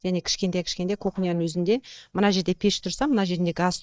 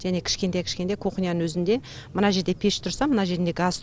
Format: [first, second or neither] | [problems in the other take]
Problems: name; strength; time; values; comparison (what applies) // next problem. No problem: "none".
second | noise reduction (neural mask model DeepFilterNet 3)